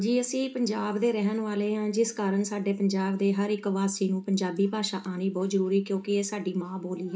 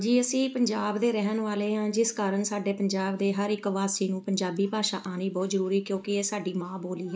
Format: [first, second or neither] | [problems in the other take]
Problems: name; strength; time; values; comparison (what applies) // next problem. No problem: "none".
second | room echo; dies away in 0.3 s